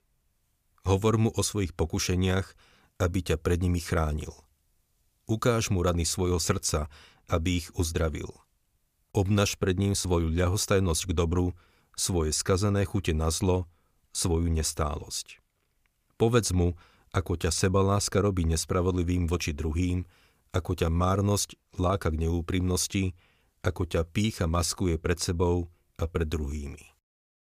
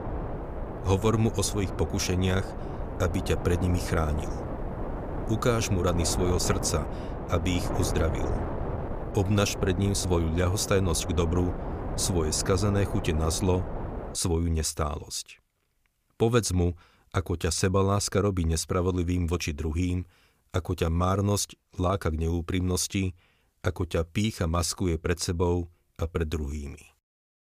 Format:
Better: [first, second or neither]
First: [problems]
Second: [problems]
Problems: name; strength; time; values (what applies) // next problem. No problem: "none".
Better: first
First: none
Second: wind noise on the microphone; heavy; until 14 s; 7 dB below the speech